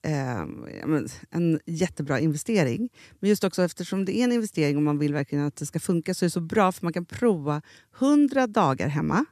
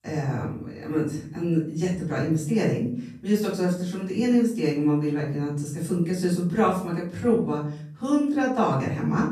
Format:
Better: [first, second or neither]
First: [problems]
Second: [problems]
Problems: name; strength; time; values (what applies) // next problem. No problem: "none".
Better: first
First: none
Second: off-mic speech; far // room echo; noticeable; dies away in 0.6 s